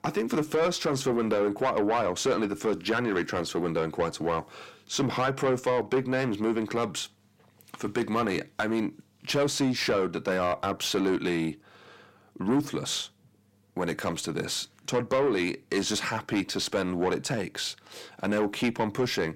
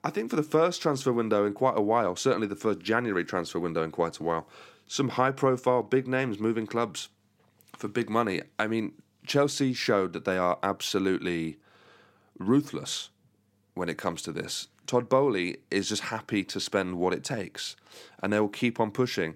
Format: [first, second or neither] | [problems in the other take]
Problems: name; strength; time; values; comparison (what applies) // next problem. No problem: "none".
second | distortion; heavy; 8 dB below the speech